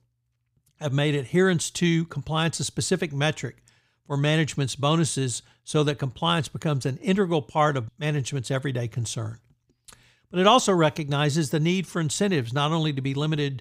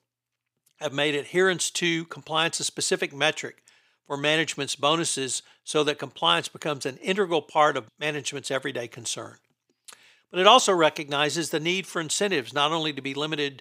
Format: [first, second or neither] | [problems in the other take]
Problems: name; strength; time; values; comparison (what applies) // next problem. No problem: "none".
first | thin; somewhat; fading below 350 Hz